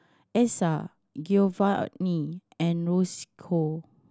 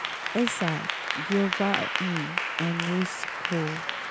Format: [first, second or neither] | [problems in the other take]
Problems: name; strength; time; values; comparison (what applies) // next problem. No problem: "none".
first | background sound (Applause / Clapping); 1 dB below the speech